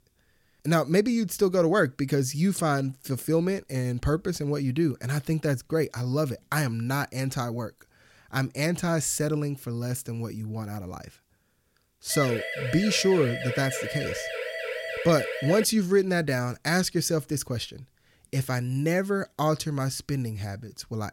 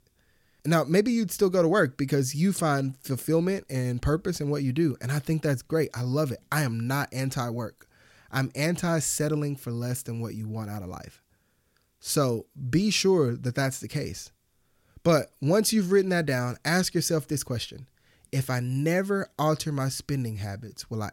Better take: second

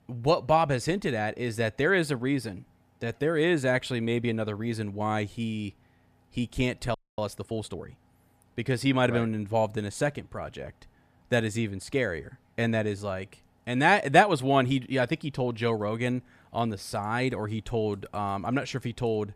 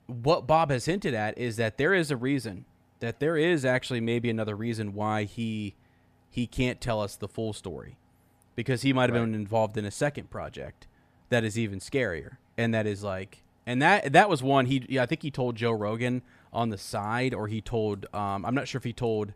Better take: second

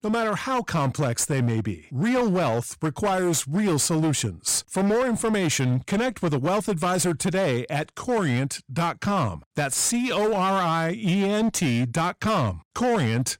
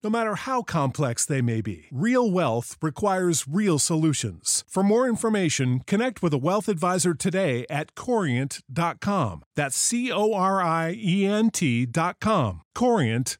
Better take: second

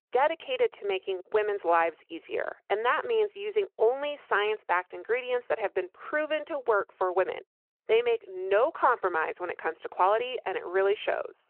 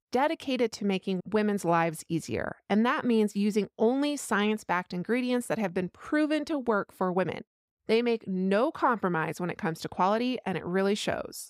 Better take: second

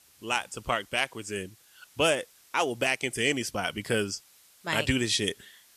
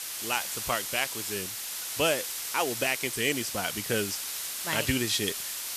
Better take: first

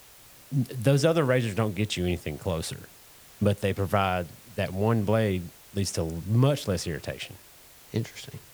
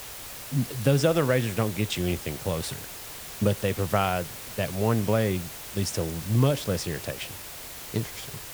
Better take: first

